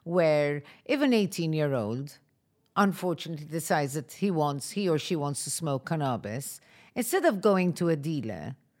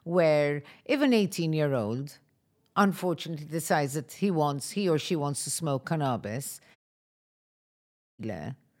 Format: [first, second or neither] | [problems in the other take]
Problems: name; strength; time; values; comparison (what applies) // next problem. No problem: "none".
first | audio cutting out; at 7 s for 1.5 s